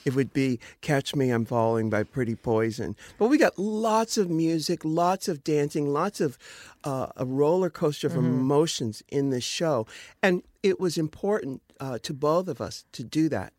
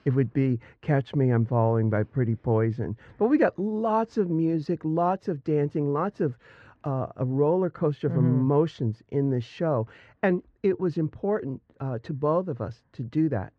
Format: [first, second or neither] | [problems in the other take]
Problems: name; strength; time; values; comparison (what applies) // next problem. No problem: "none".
first | muffled; very; fading above 1.5 kHz